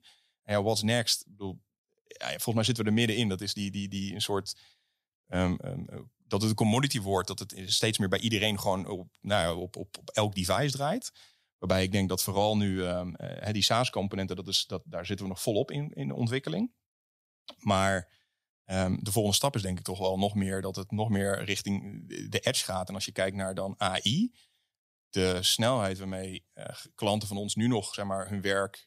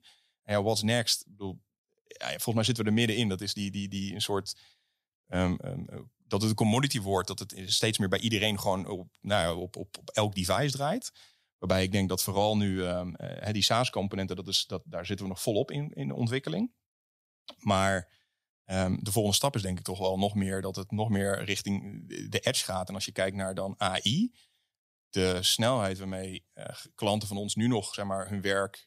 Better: neither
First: none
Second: none

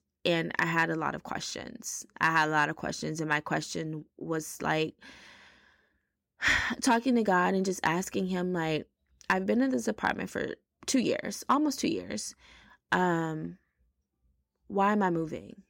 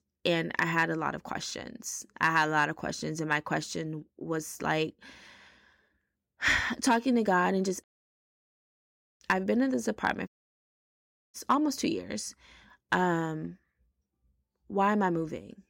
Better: first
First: none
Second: audio cutting out; at 8 s for 1.5 s and at 10 s for 1 s

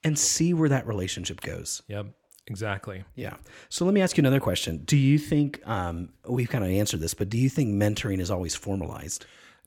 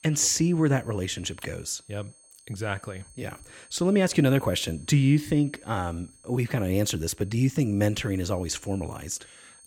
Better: first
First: none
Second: high-pitched whine; faint; throughout; 8.5 kHz, 25 dB below the speech

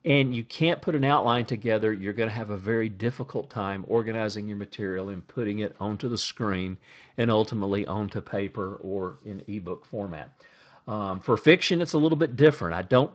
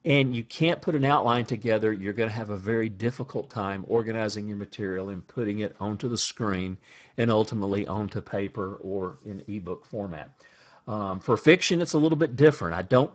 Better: first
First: garbled, watery; slightly; nothing above 7.5 kHz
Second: garbled, watery; badly; nothing above 7.5 kHz

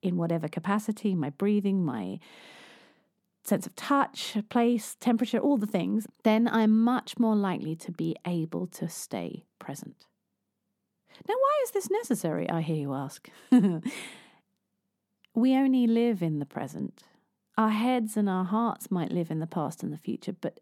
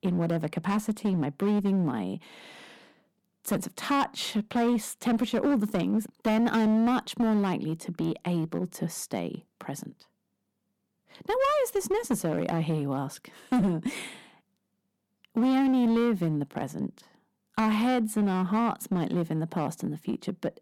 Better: first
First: none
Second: distortion; slight; 11% of the sound clipped

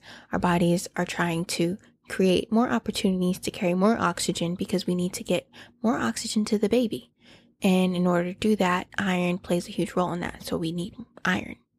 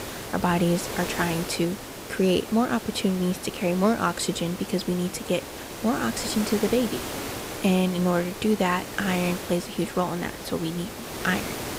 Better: first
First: none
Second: hiss; loud; throughout; 9 dB below the speech

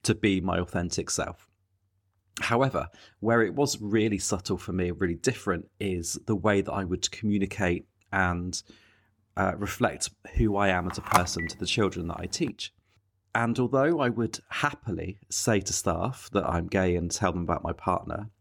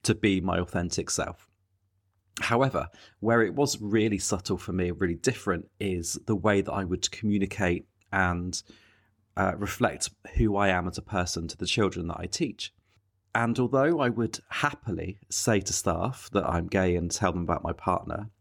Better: second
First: phone ringing; loud; from 11 to 12 s; peak 2 dB above the speech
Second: none

